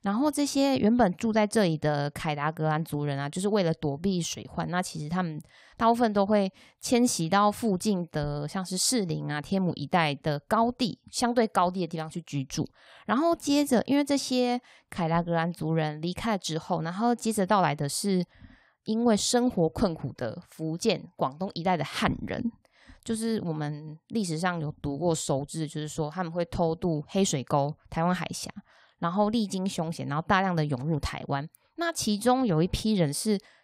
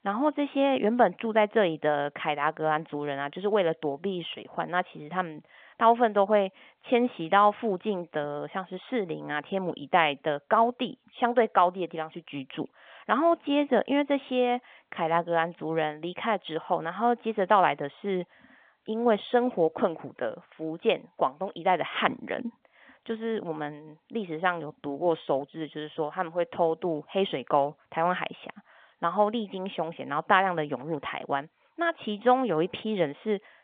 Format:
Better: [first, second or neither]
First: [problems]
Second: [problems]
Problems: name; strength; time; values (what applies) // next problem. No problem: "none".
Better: first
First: none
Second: phone-call audio; nothing above 3.5 kHz